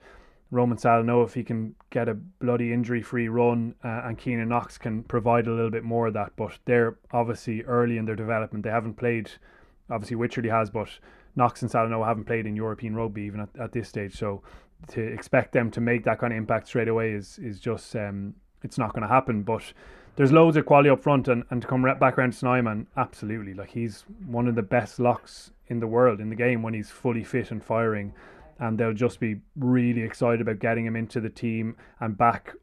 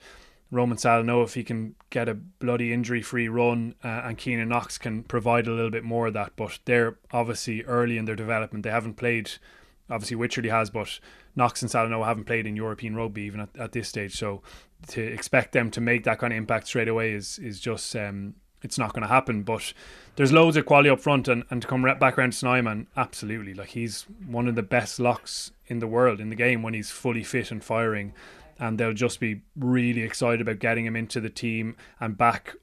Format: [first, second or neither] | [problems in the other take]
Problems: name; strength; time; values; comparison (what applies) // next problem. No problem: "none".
second | muffled; slightly; fading above 2 kHz